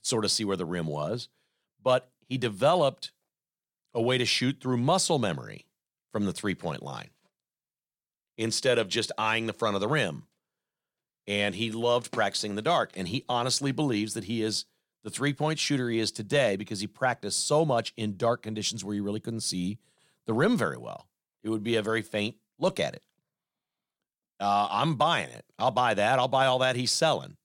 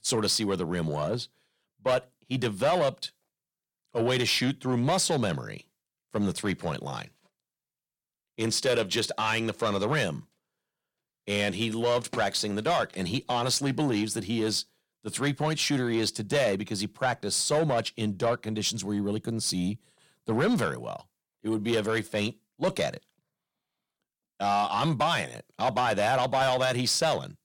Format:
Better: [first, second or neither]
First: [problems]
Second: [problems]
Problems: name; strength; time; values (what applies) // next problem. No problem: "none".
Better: first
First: none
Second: distortion; slight; 10 dB below the speech